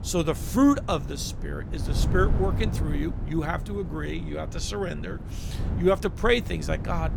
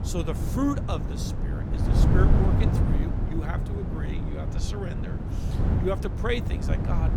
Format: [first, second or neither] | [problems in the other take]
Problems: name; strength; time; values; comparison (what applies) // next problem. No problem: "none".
first | wind noise on the microphone; heavy; 2 dB below the speech; occasional gusts in the first